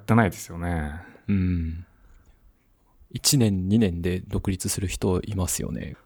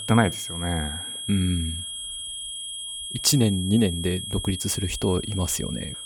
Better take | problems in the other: first | high-pitched whine; loud; throughout; 3.5 kHz, 7 dB below the speech

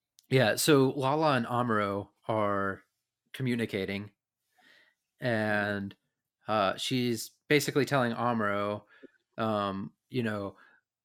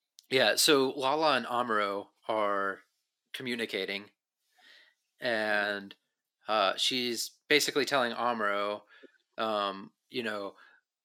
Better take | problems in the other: first | thin; somewhat; fading below 350 Hz

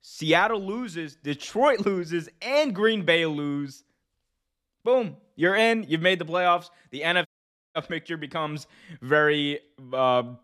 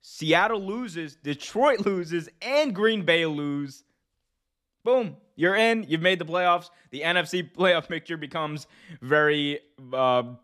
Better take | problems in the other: second | audio cutting out; at 7.5 s

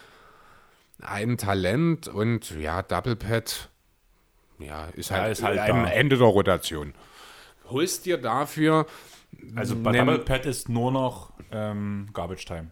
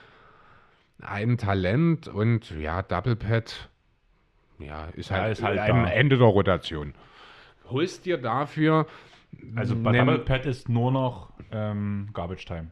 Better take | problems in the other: first | muffled; slightly; fading above 3 kHz

